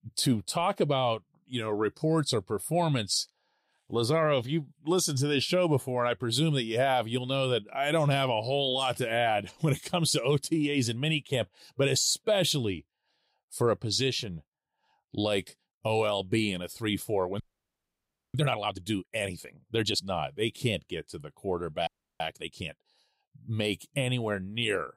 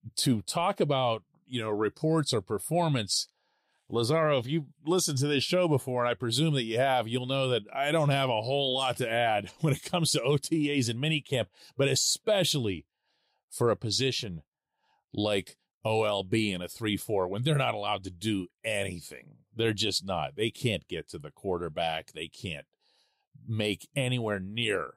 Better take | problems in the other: second | audio freezing; at 17 s for 1 s and at 22 s

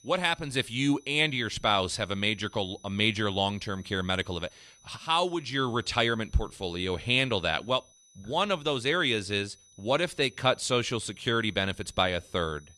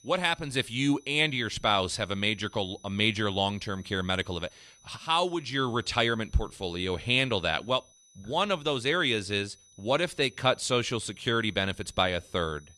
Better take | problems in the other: neither | high-pitched whine; faint; throughout; 6 kHz, 30 dB below the speech; the same in both

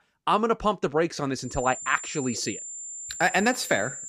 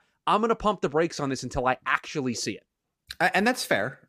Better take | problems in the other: second | high-pitched whine; loud; from 1.5 s on; 7 kHz, 9 dB below the speech

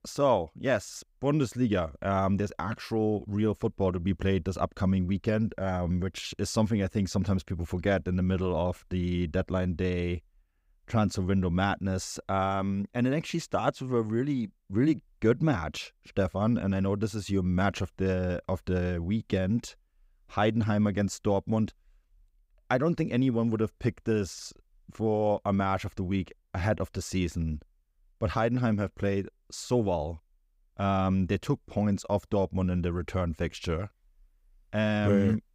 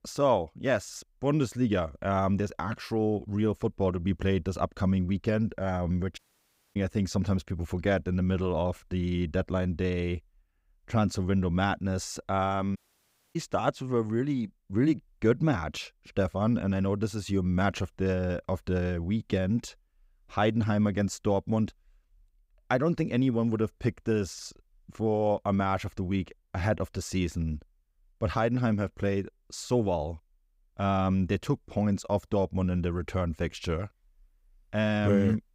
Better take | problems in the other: first | audio cutting out; at 6 s for 0.5 s and at 13 s for 0.5 s

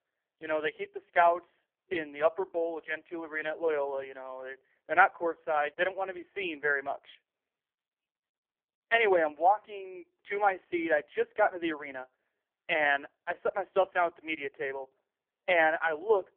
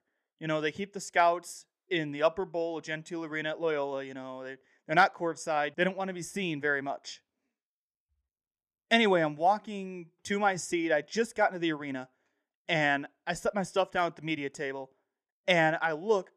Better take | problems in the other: second | phone-call audio; poor line; nothing above 3.5 kHz

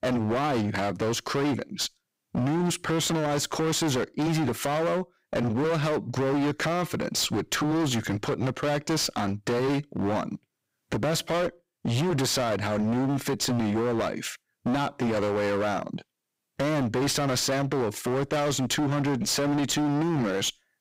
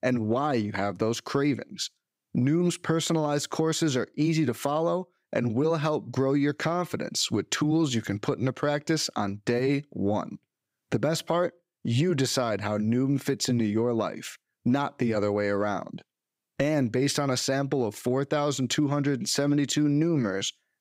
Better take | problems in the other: second | distortion; heavy; 31% of the sound clipped

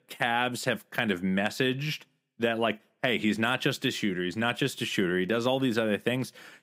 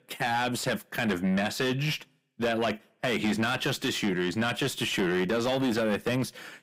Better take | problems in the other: first | distortion; heavy; 7 dB below the speech

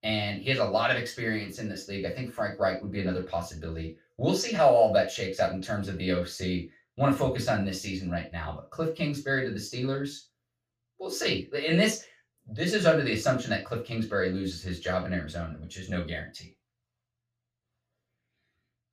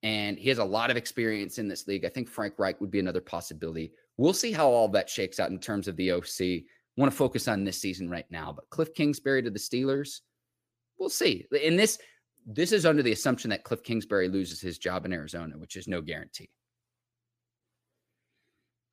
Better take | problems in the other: second | room echo; slight; dies away in 0.2 s // off-mic speech; far

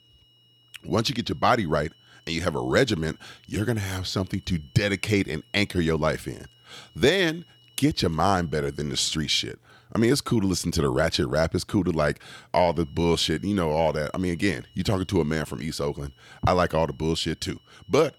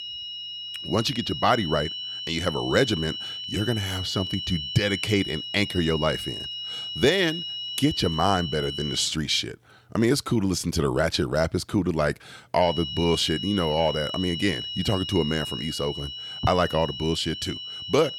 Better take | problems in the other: first | high-pitched whine; loud; until 9 s and from 13 s on; 3 kHz, 6 dB below the speech; faint in the first

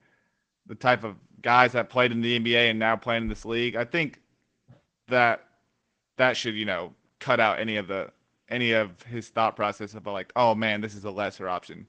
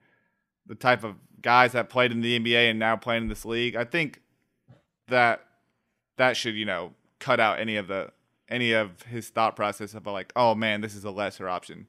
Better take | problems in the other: second | garbled, watery; slightly

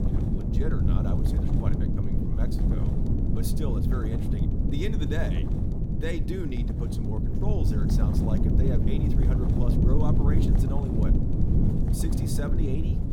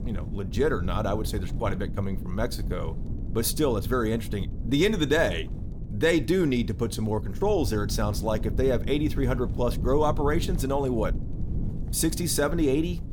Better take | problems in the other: second | wind noise on the microphone; heavy; 2 dB above the speech; occasional gusts in the second

